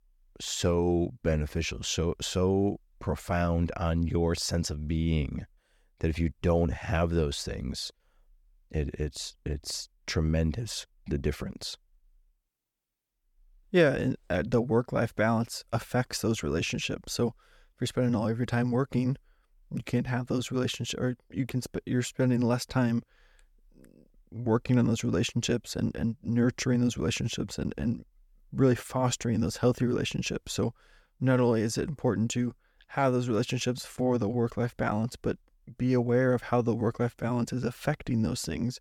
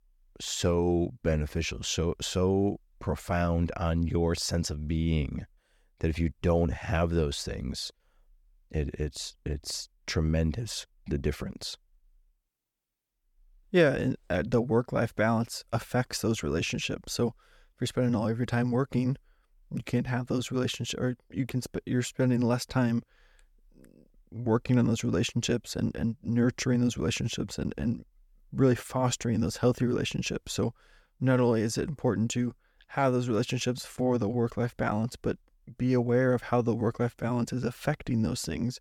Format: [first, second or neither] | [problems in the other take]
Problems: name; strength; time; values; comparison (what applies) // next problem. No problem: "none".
neither | none